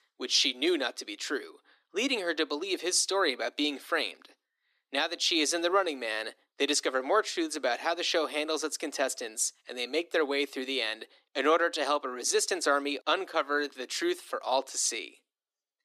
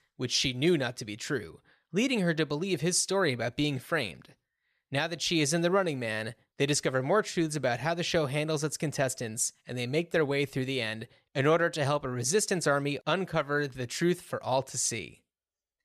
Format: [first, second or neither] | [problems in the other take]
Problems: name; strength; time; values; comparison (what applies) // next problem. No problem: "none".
second | thin; somewhat; fading below 250 Hz